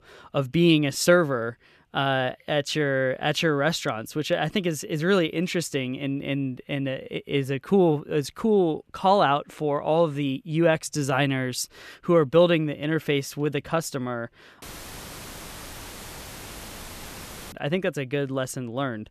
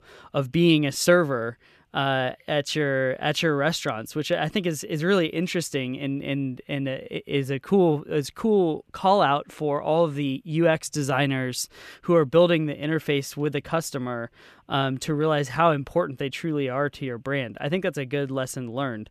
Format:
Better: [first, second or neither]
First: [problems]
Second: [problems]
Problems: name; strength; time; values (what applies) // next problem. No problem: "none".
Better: second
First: audio cutting out; filled with static; at 15 s for 3 s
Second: none